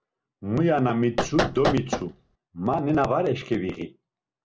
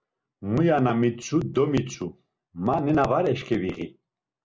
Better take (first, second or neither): second